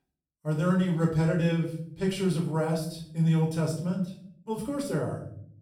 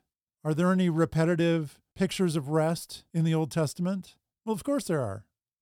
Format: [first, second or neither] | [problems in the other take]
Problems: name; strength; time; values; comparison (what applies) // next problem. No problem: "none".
second | off-mic speech; far // room echo; slight; dies away in 0.6 s